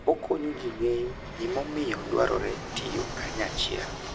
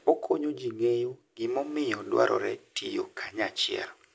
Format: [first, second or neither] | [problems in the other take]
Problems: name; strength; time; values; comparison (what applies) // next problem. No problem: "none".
second | background sound (Fixed-wing aircraft, airplane); 7 dB below the speech